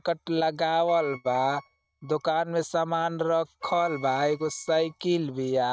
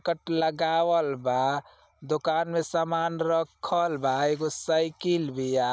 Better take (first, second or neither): second